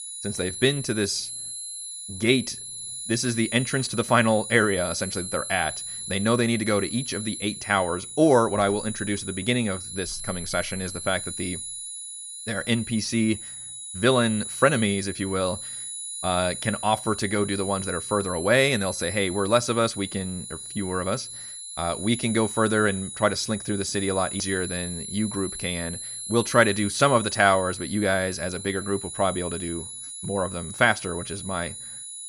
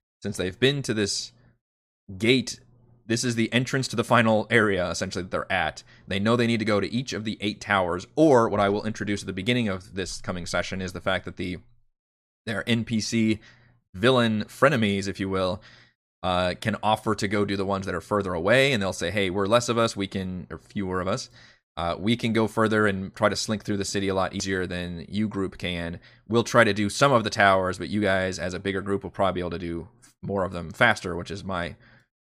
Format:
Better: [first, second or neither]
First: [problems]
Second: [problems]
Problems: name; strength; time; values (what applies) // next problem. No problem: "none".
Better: second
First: high-pitched whine; loud; throughout; 10.5 kHz, 8 dB below the speech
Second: none